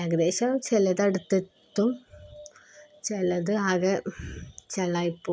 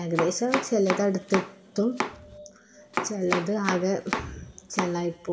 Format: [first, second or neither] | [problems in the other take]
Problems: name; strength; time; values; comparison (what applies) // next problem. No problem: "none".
first | background sound (Domestic sounds, home sounds); 5 dB below the speech // room echo; dies away in 2.3 s